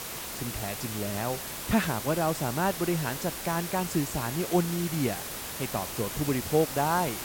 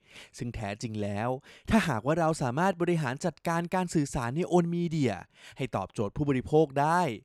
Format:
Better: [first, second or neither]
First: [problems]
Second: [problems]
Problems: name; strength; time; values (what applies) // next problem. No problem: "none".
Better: second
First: hiss; loud; throughout; 5 dB below the speech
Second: none